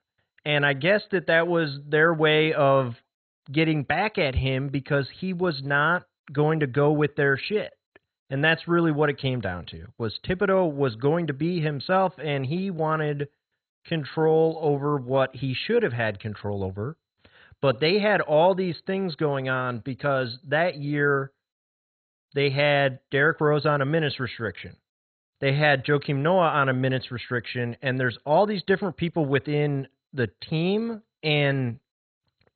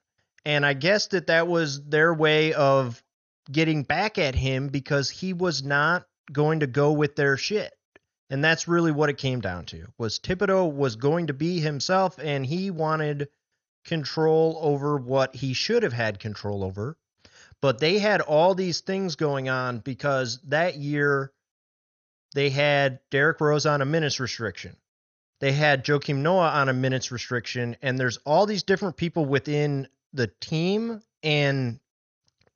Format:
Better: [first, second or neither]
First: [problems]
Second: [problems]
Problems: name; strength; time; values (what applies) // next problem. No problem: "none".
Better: second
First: garbled, watery; badly; nothing above 4 kHz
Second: garbled, watery; slightly; nothing above 6.5 kHz